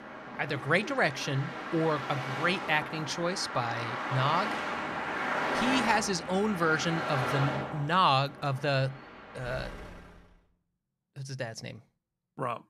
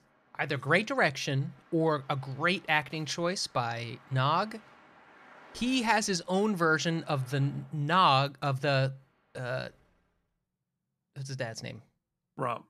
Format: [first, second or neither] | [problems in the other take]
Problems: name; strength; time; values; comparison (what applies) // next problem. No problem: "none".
second | traffic noise; loud; until 10 s; 4 dB below the speech; faint in the second